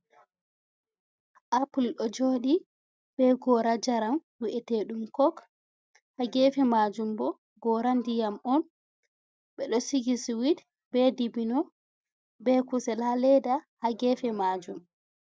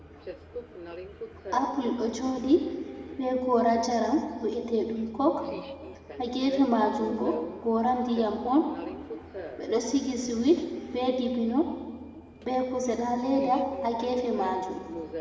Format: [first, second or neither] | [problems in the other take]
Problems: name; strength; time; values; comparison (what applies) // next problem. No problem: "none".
first | background sound (Subway, metro, underground); 14 dB below the speech // room echo; dies away in 1.7 s